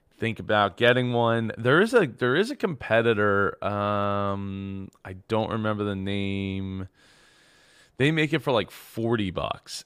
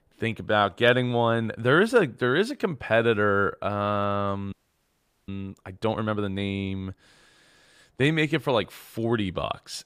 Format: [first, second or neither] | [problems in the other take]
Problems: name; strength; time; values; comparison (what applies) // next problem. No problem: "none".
first | audio freezing; at 4.5 s for 1 s